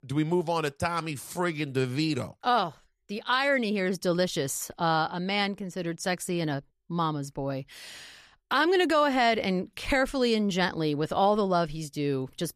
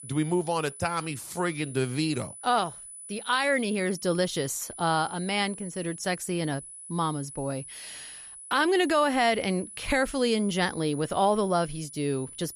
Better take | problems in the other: first | high-pitched whine; noticeable; throughout; 10 kHz, 15 dB below the speech

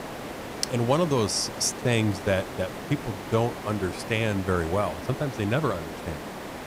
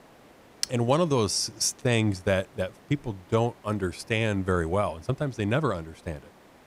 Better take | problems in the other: second | hiss; loud; throughout; 9 dB below the speech; faint in the second

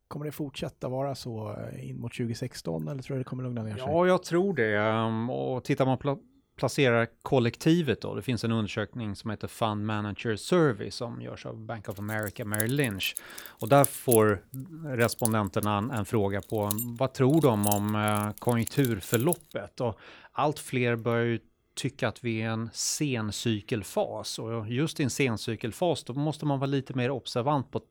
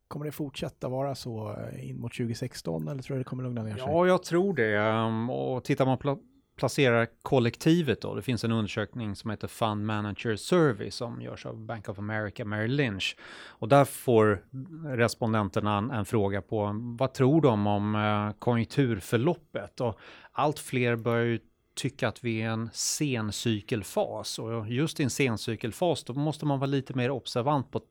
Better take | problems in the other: second | jangling keys; loud; from 12 to 19 s; peak level with the speech

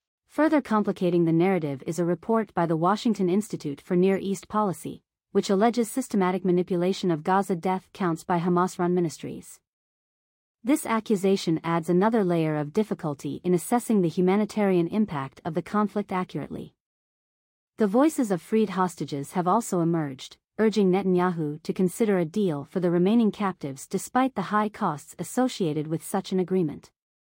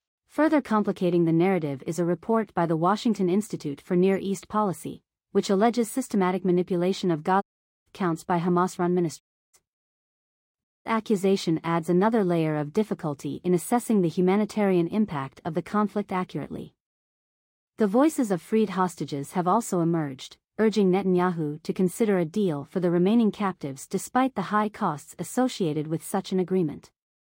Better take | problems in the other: first | audio cutting out; at 7.5 s, at 9 s and at 11 s

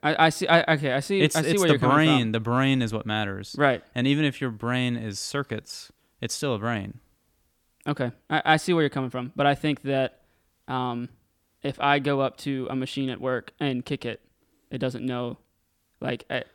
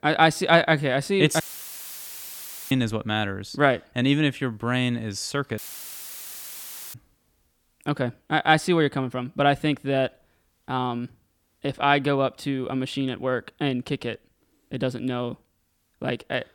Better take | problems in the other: first | audio cutting out; filled with static; at 1.5 s for 1.5 s and at 5.5 s for 1.5 s

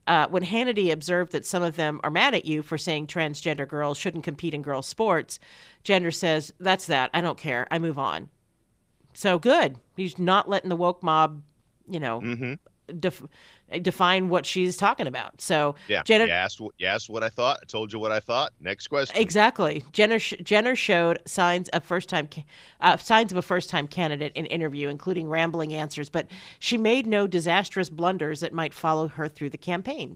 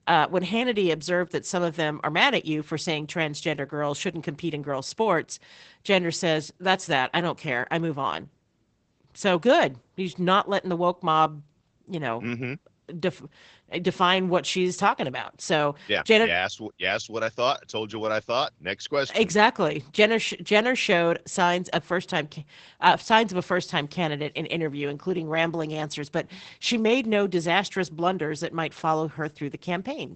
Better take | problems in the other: first | garbled, watery; badly; nothing above 8 kHz; slightly in the first

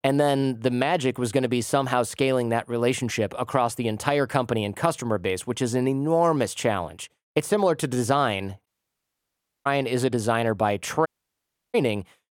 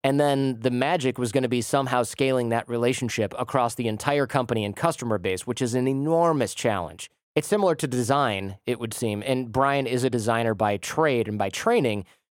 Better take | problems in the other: second | audio cutting out; at 8.5 s for 1 s and at 11 s for 0.5 s

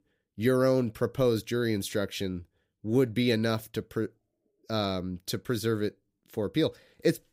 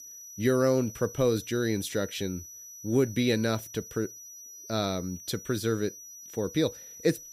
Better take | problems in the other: first | high-pitched whine; noticeable; throughout; 6 kHz, 15 dB below the speech

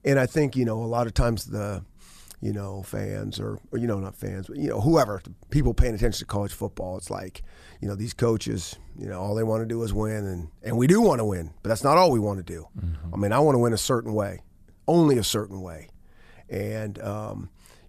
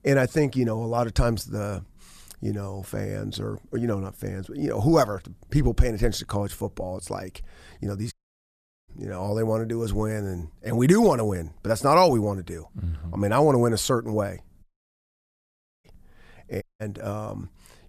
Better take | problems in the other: first | audio cutting out; at 8 s for 1 s, at 15 s for 1 s and at 17 s

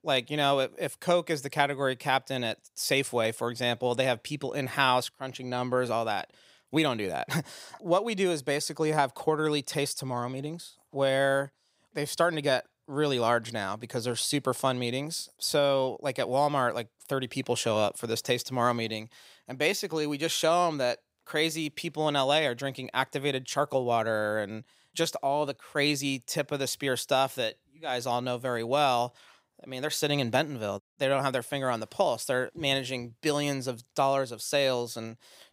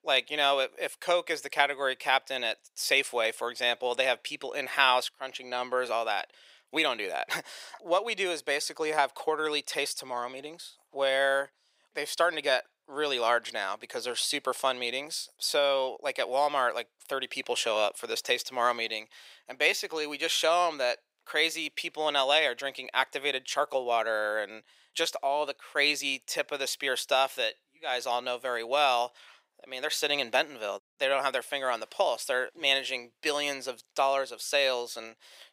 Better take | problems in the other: first | thin; somewhat; fading below 500 Hz

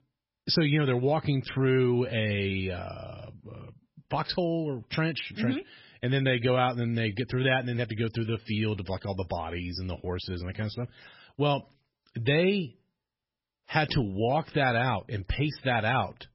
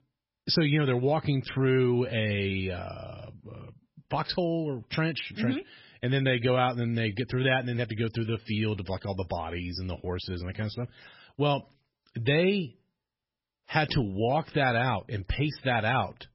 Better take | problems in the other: neither | garbled, watery; badly; nothing above 5.5 kHz; the same in both

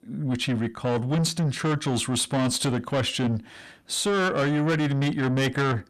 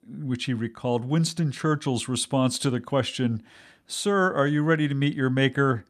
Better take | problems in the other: second | distortion; heavy; 8 dB below the speech

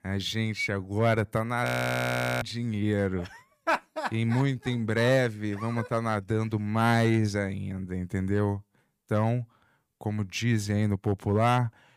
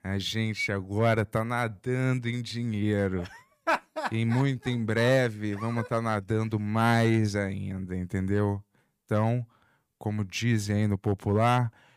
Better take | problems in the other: second | audio freezing; at 1.5 s for 1 s

